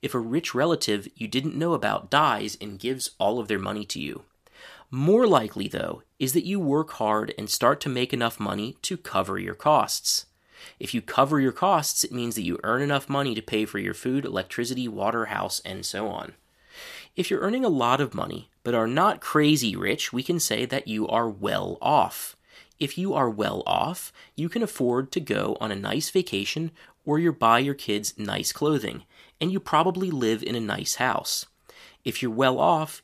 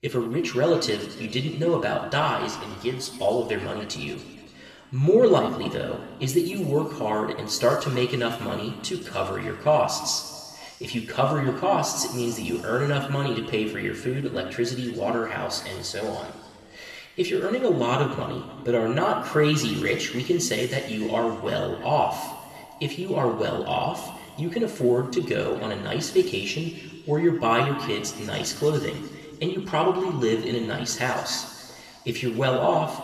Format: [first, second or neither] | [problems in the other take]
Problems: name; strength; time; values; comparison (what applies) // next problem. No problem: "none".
first | room echo; noticeable; dies away in 2.1 s // off-mic speech; somewhat distant